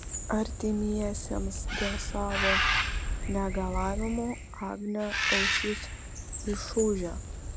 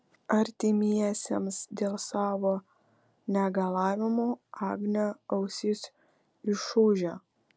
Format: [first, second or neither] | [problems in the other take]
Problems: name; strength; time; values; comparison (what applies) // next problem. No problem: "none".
second | background sound (Bird); 1 dB above the speech